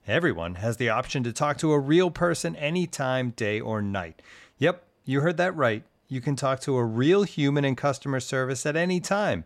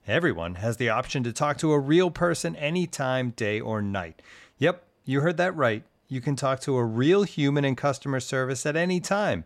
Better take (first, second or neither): neither